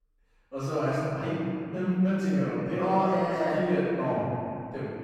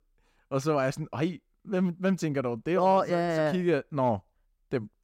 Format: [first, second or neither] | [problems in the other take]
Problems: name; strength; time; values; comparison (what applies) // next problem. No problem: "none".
second | off-mic speech; far // room echo; strong; dies away in 2.3 s